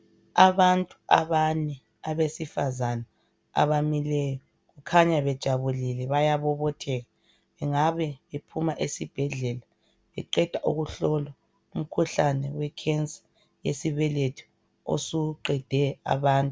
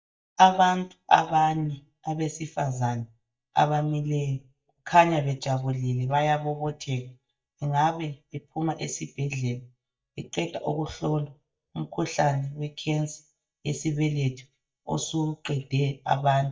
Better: first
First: none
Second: noise reduction (neural mask model DeepFilterNet 3)

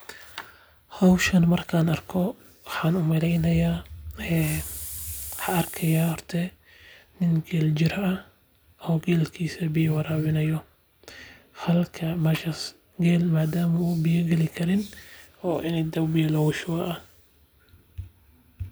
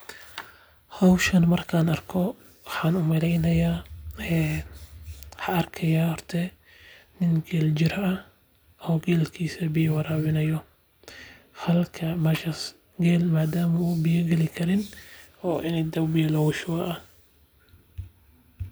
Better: second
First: background sound (Hiss); 12 dB below the speech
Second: none

